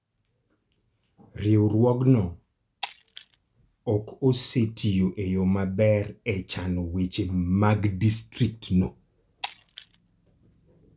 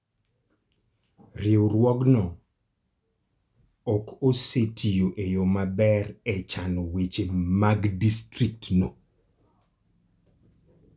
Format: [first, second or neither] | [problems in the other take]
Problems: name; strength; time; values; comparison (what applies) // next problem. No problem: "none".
second | background sound (Shatter); 20 dB below the speech